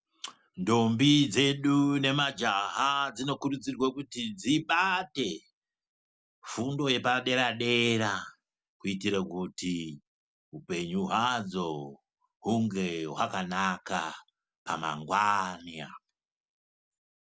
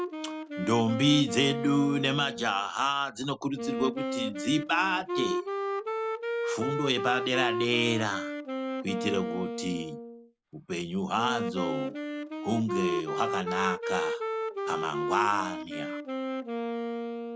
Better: first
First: none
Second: background sound (Wind instrument, woodwind instrument); 3 dB below the speech

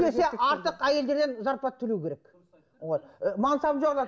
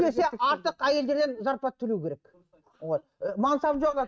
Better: first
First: none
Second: noise reduction (neural mask model RNNoise)

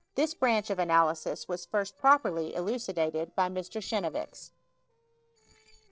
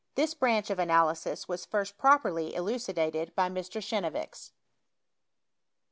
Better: second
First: noise reduction (neural separator model SepFormer DNS4)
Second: none

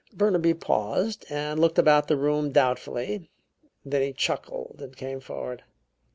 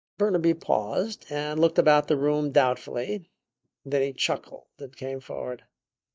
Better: first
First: none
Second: noise reduction (neural mask model DeepFilterNet 3)

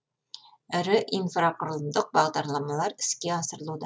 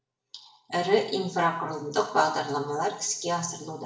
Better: first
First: none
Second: room echo; dies away in 0.7 s

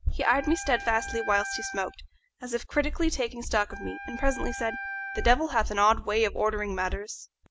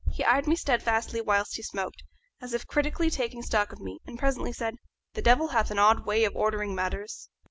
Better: second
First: background sound (Wind instrument, woodwind instrument); 11 dB below the speech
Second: none

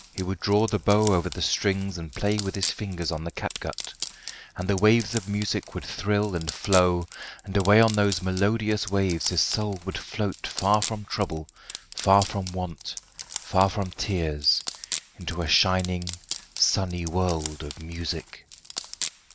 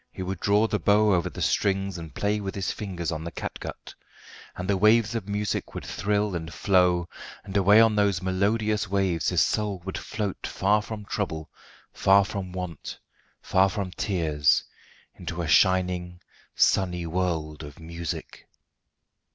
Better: second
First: background sound (Wood); 13 dB below the speech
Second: none

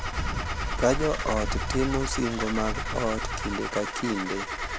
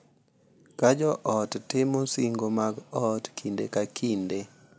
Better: second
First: background sound (Wind + Engine starting / Car); 1 dB below the speech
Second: none

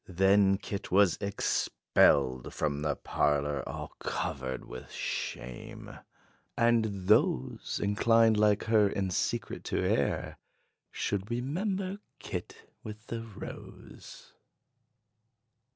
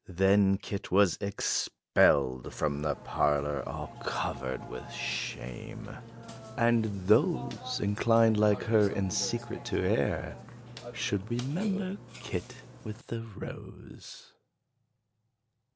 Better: first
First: none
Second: background sound (Burping, eructation); 16 dB below the speech

